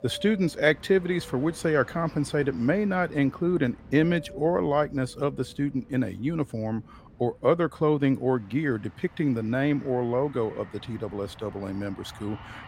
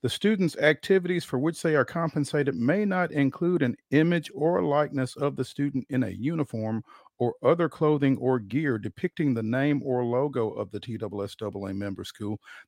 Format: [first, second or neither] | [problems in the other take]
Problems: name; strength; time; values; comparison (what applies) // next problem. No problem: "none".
second | train or aircraft noise; faint; throughout; 20 dB below the speech